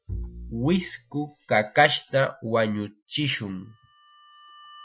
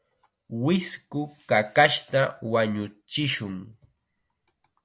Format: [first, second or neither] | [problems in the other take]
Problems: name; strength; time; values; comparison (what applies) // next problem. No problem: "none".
second | noise reduction (classical method Wiener filter)